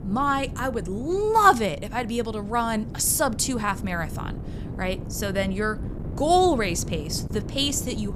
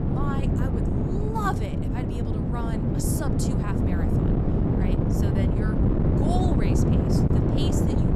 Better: first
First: wind noise on the microphone; occasional gusts; 20 dB below the speech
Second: wind noise on the microphone; heavy; 4 dB above the speech

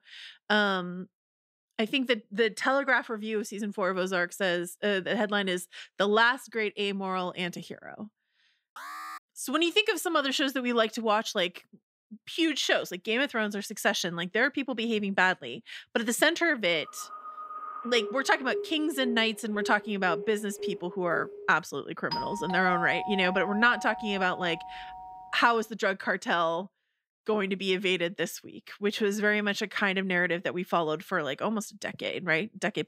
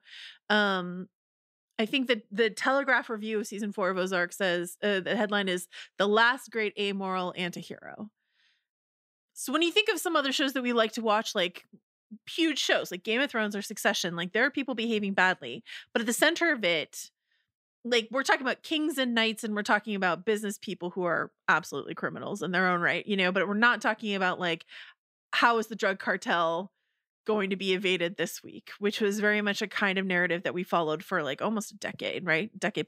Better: second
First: alarm; faint; at 9 s; peak 10 dB below the speech // phone ringing; noticeable; from 17 to 22 s; peak 8 dB below the speech // doorbell; noticeable; from 22 to 25 s; peak 5 dB below the speech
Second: none

